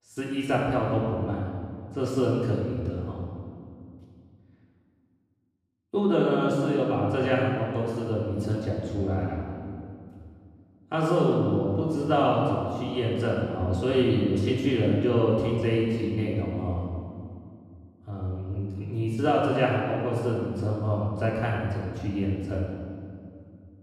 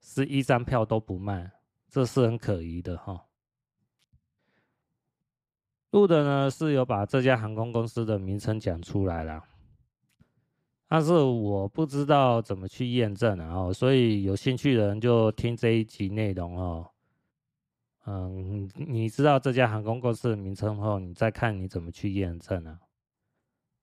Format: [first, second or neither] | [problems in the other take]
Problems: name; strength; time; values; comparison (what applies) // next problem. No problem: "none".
second | off-mic speech; far // room echo; noticeable; dies away in 2 s